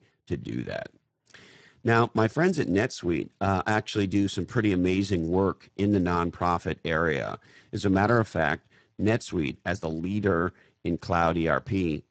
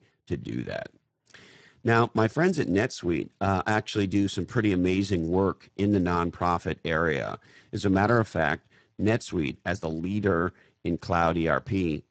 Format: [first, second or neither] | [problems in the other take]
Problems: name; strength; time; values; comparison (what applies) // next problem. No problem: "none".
neither | garbled, watery; badly; nothing above 8 kHz; the same in both